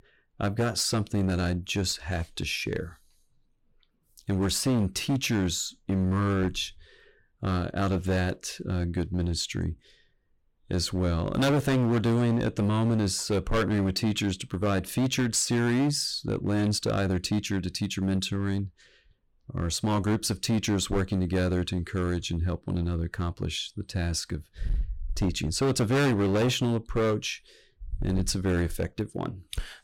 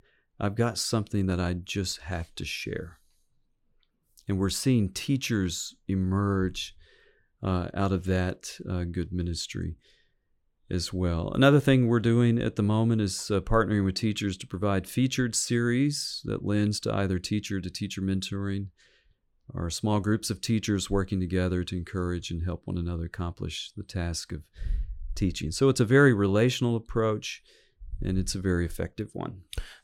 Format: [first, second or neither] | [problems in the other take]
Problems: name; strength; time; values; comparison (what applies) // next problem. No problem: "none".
second | distortion; heavy; 11% of the sound clipped